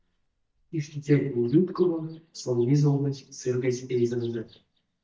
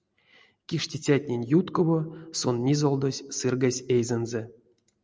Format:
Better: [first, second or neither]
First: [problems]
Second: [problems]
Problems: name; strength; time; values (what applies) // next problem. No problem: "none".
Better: second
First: noise reduction (neural mask model DeepFilterNet 3)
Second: none